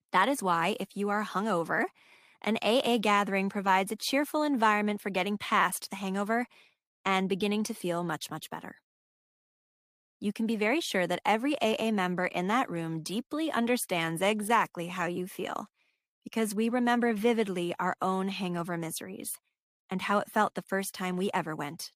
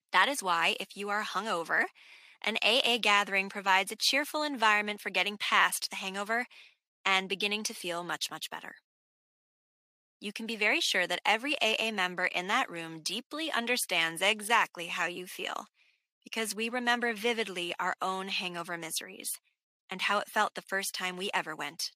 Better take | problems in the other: first | thin; somewhat; fading below 550 Hz

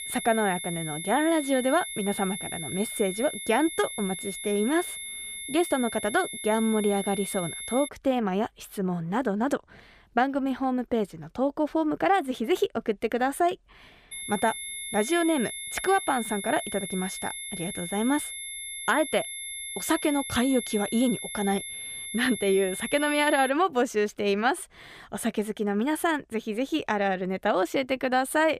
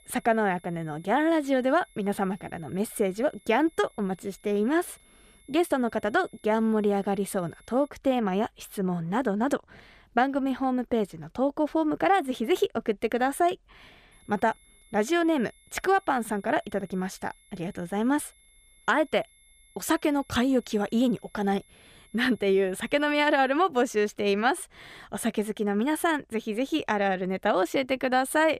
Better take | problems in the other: second | high-pitched whine; loud; until 8 s and from 14 to 24 s; 11 kHz, 7 dB below the speech; faint in the second

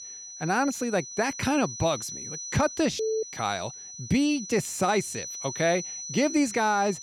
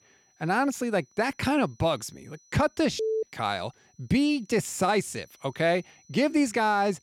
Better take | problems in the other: second | high-pitched whine; loud; throughout; 6 kHz, 9 dB below the speech; faint in the second

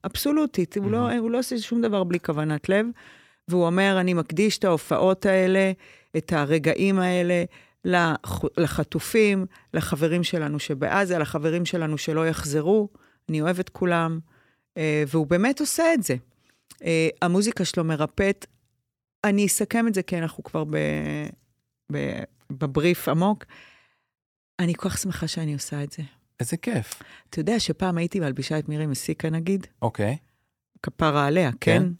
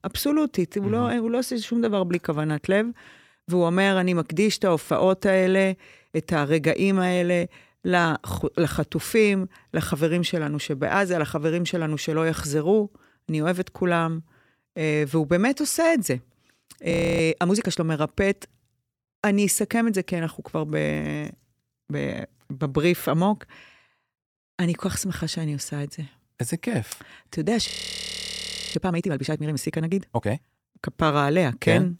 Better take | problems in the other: first | audio freezing; at 17 s and at 28 s for 1 s

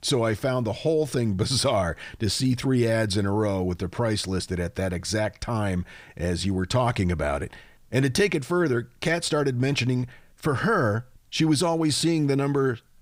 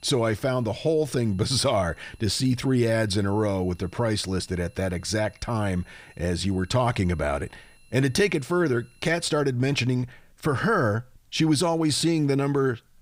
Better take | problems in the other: first | high-pitched whine; faint; until 9.5 s; 2.5 kHz, 35 dB below the speech

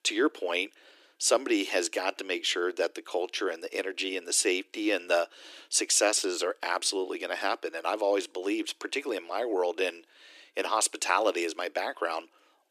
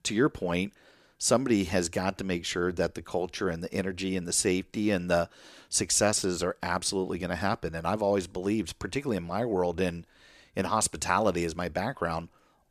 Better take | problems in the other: second | thin; somewhat; fading below 300 Hz

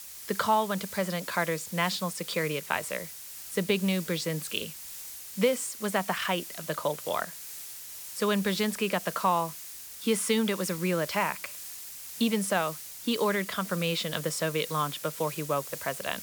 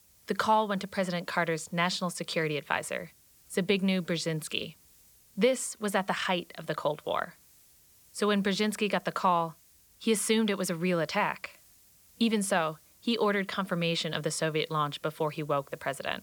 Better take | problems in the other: second | hiss; loud; throughout; 10 dB below the speech; faint in the second

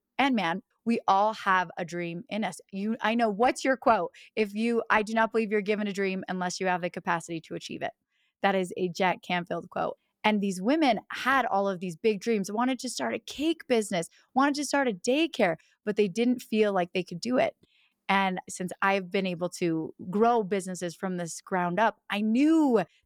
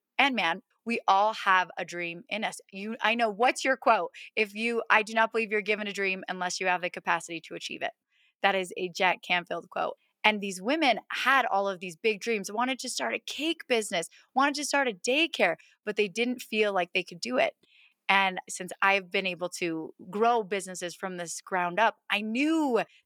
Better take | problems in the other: first | thin; very slightly; fading below 550 Hz

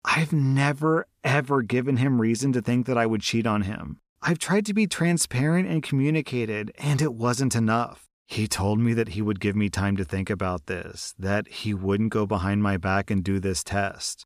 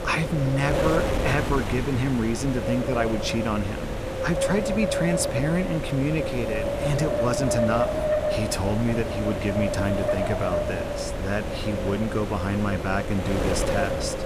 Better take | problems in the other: first | wind noise on the microphone; heavy; 2 dB above the speech

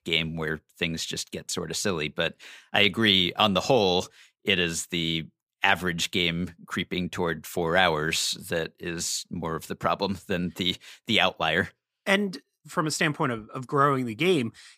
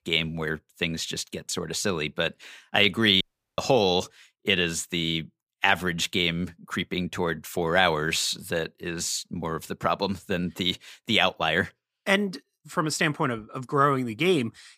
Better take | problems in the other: first | audio cutting out; at 3 s

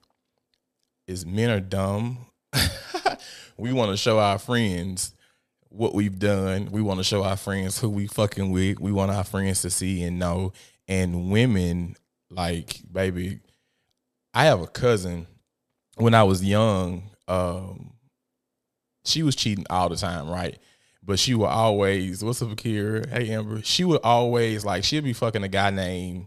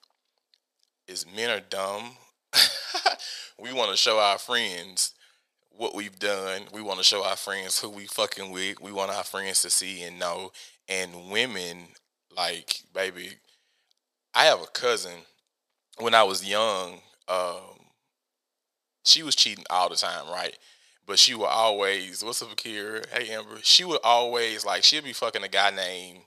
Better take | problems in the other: first | thin; very; fading below 650 Hz

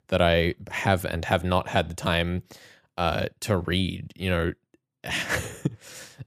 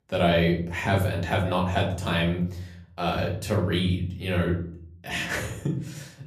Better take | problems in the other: first | room echo; slight; dies away in 0.6 s // off-mic speech; far

